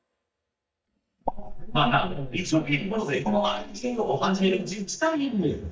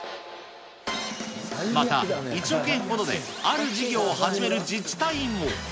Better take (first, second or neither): second